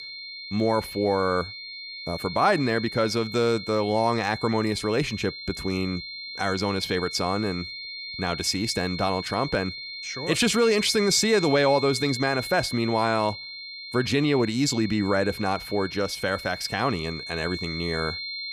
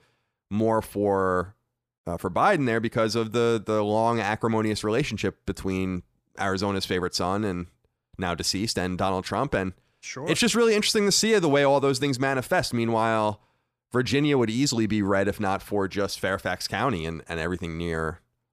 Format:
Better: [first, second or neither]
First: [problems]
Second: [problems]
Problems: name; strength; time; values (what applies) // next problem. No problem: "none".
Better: second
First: high-pitched whine; loud; throughout; 4 kHz, 9 dB below the speech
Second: none